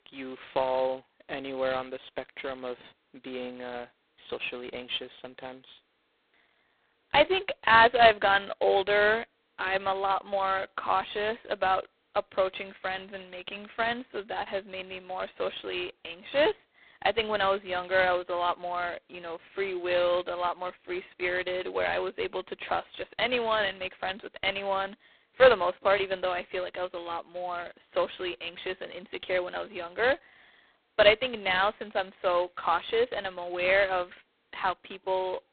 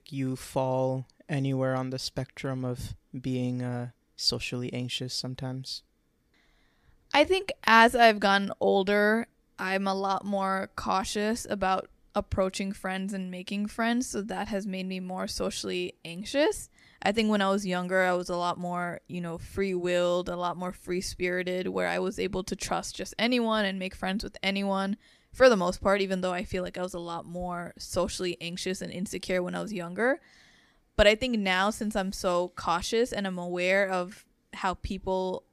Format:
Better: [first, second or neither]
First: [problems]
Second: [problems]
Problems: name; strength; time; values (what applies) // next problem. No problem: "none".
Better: second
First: phone-call audio; poor line; nothing above 4 kHz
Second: none